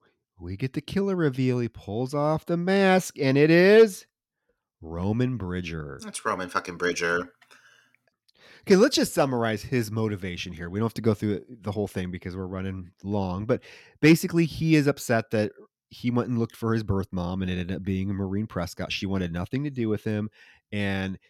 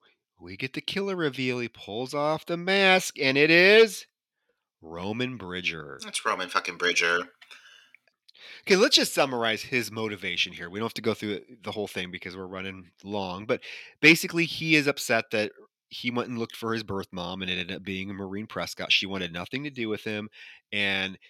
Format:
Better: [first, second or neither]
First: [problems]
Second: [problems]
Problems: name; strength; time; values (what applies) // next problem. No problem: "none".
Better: first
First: none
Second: thin; very slightly; fading below 850 Hz